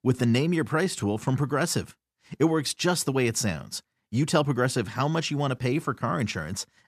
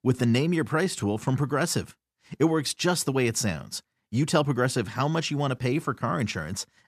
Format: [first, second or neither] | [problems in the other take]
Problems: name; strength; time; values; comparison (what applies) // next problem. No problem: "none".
neither | none